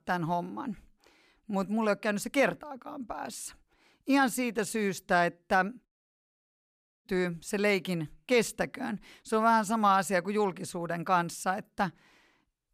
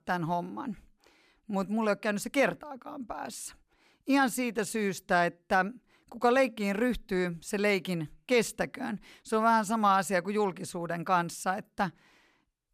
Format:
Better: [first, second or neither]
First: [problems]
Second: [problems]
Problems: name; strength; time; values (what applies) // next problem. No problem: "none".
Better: second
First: audio cutting out; at 6 s for 1 s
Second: none